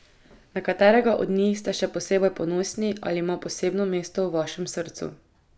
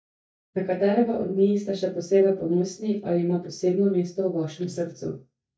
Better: first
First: none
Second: noise reduction (neural mask model DeepFilterNet 3)

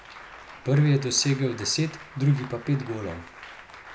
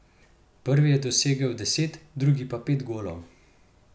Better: second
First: background sound (Applause); 17 dB below the speech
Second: none

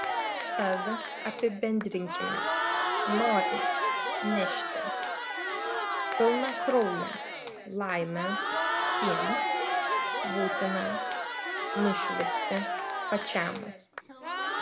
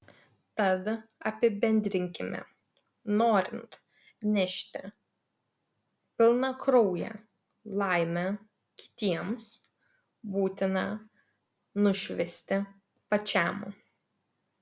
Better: second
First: background sound (Crowd); 2 dB above the speech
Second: none

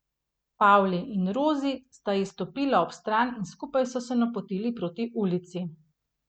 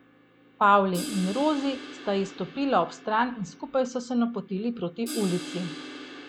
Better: first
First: none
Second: background sound (Crash cymbal); 14 dB below the speech

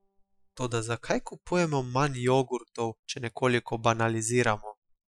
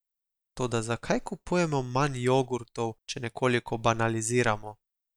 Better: second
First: noise reduction (classical method Wiener filter)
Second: none

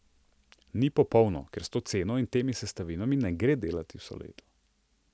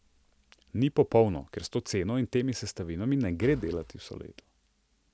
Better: first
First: none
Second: background sound (Engine / Car); 19 dB below the speech

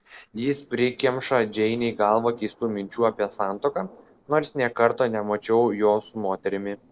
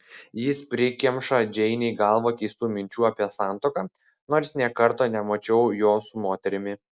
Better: second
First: noise reduction (neural separator model SepFormer DNS4)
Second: none

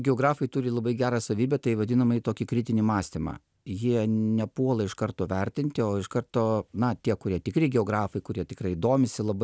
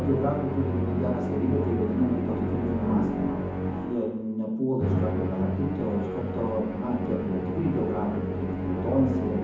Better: first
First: none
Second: background sound (Musical instrument); 2 dB below the speech // room echo; dies away in 1.2 s

